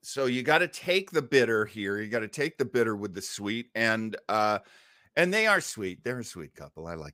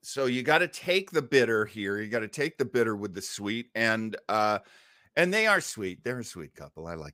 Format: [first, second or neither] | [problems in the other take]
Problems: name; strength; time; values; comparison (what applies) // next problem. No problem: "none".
neither | none